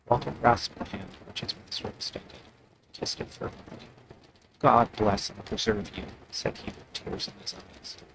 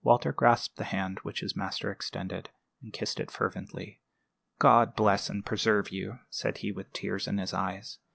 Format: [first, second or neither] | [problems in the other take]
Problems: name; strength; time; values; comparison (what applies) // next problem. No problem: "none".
second | noise reduction (neural mask model RNNoise)